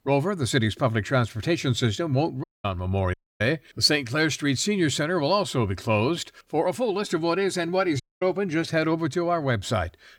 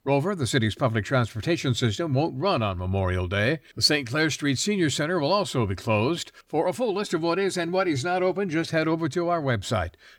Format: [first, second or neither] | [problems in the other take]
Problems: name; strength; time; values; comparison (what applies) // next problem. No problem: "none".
second | audio cutting out; at 2.5 s, at 3 s and at 8 s